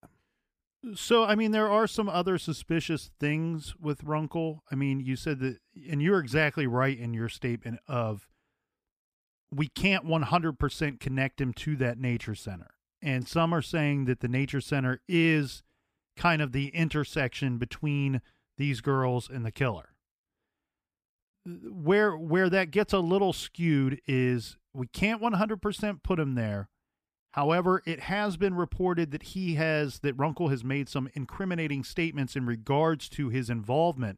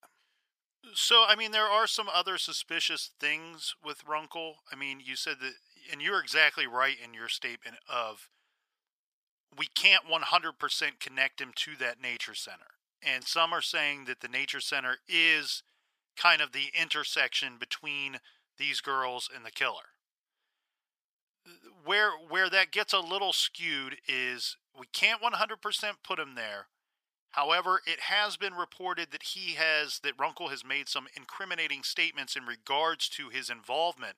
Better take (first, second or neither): first